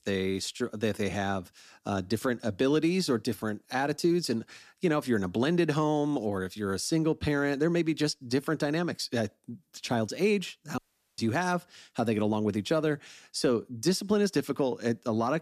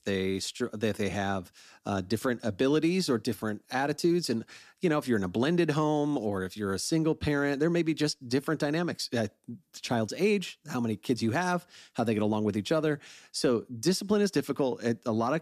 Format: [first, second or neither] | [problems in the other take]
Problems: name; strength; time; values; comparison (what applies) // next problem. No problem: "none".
second | audio cutting out; at 11 s